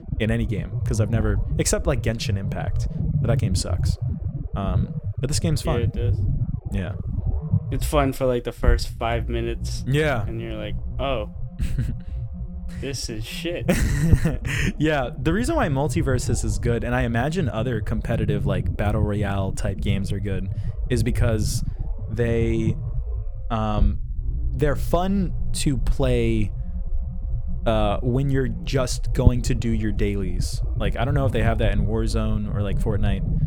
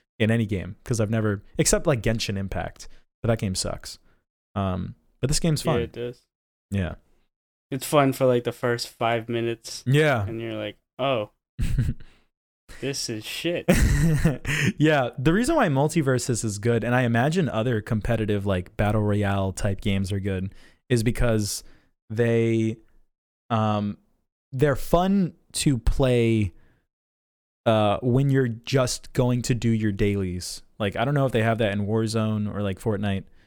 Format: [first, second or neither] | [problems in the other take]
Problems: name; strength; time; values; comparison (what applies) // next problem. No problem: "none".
second | low rumble; noticeable; throughout; 15 dB below the speech